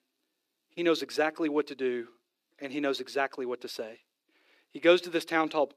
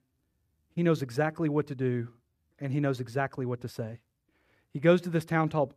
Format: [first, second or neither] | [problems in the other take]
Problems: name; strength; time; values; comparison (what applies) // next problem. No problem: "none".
second | thin; somewhat; fading below 300 Hz